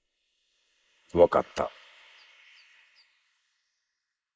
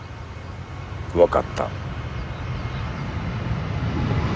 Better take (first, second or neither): second